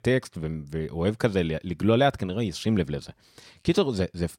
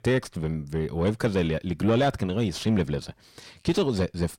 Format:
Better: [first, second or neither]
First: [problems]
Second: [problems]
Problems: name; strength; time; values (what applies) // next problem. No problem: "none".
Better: first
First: none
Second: distortion; slight; 10 dB below the speech